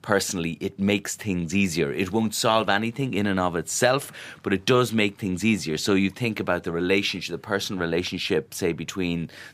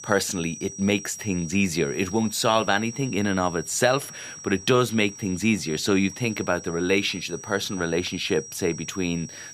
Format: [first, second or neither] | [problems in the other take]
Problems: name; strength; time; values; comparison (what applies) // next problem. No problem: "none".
first | high-pitched whine; noticeable; throughout; 5.5 kHz, 15 dB below the speech